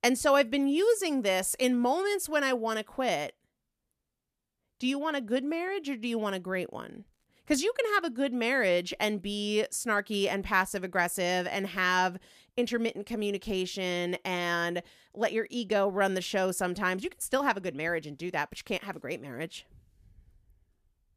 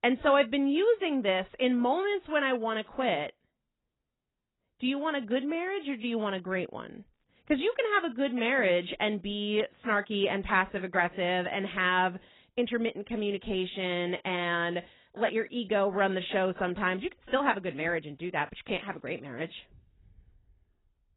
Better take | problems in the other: first | garbled, watery; badly; nothing above 3.5 kHz

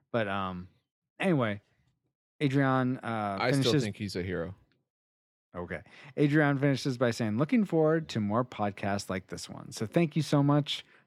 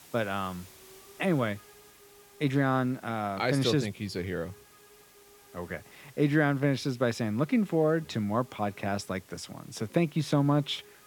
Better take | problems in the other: first | hiss; faint; throughout; 25 dB below the speech

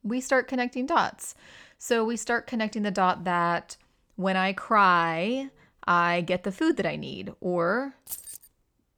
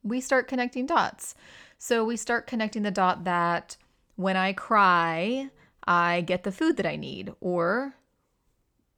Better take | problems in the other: second | jangling keys; faint; at 8 s; peak 10 dB below the speech

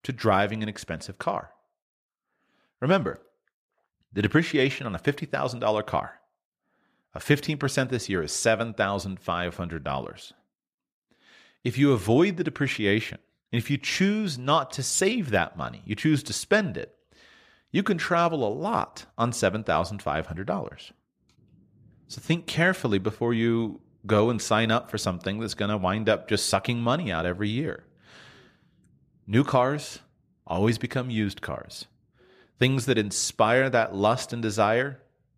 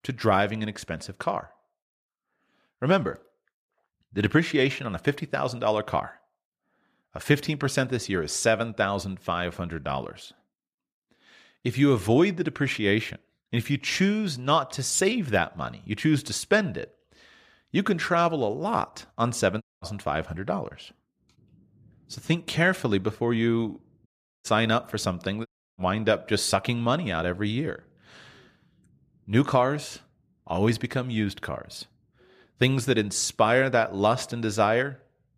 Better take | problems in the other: first | audio cutting out; at 20 s, at 24 s and at 25 s

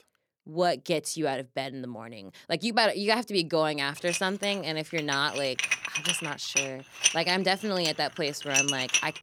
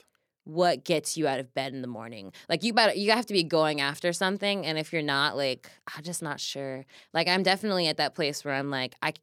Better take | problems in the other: second | clattering dishes; loud; from 4 s on; peak 4 dB above the speech

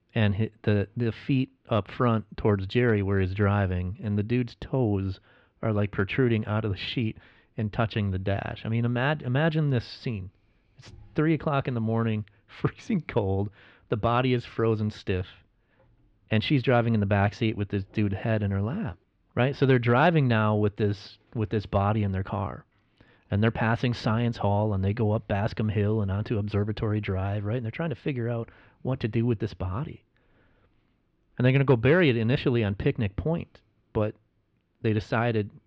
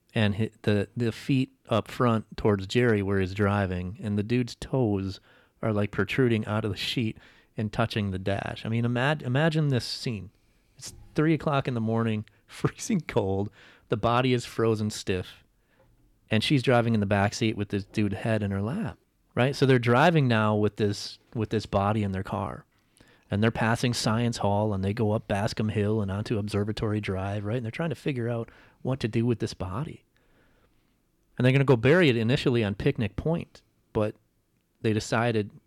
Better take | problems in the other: second | muffled; slightly; fading above 3.5 kHz

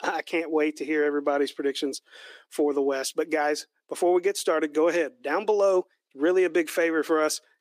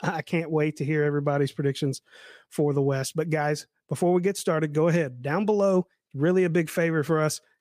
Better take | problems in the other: second | thin; somewhat; fading below 300 Hz

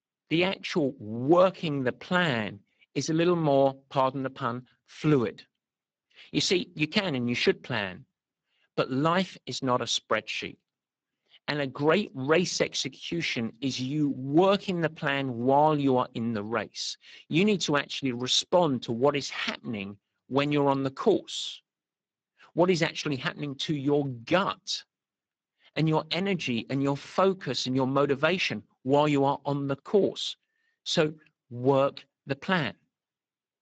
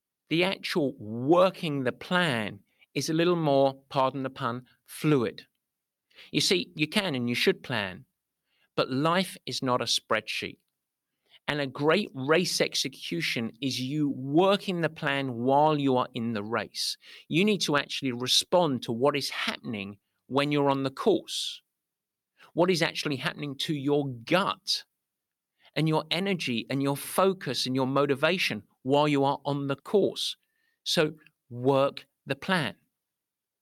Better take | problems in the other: second | garbled, watery; badly; nothing above 7.5 kHz

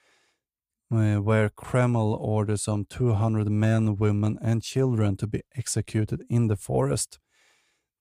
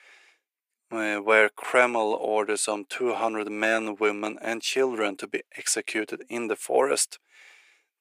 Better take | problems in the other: first | thin; very; fading below 350 Hz

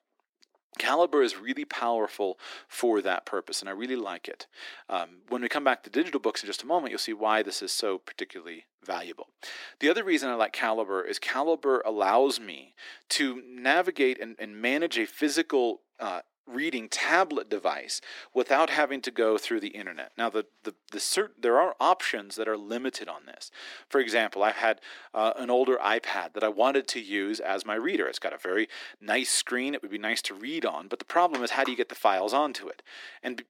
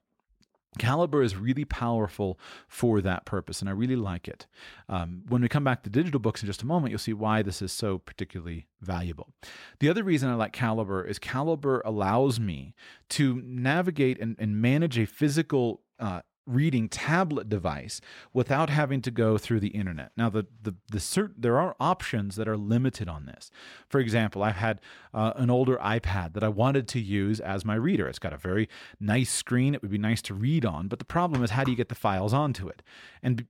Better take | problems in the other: second | thin; somewhat; fading below 300 Hz

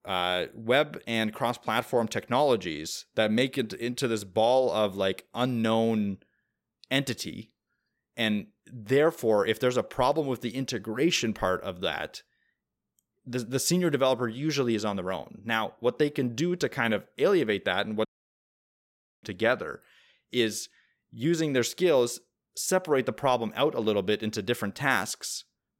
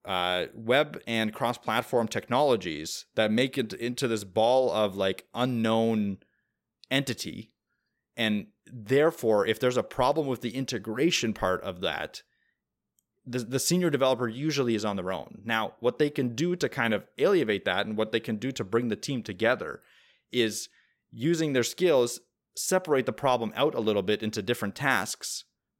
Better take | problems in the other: second | audio cutting out; at 18 s for 1 s

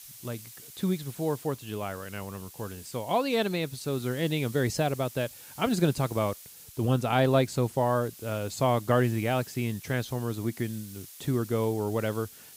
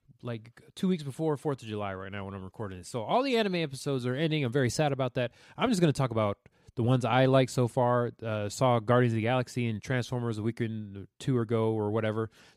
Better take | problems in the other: second | hiss; noticeable; throughout; 15 dB below the speech

